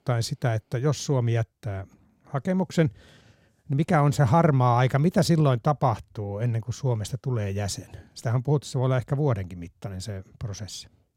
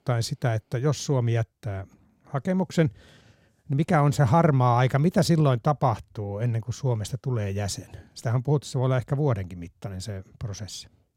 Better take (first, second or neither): neither